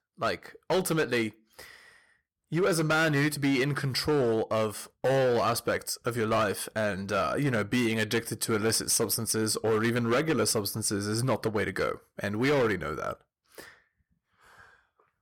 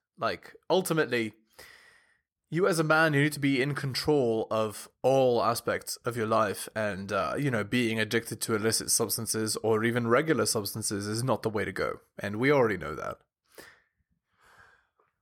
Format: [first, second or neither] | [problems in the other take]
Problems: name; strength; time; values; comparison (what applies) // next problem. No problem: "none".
second | distortion; slight; 9% of the sound clipped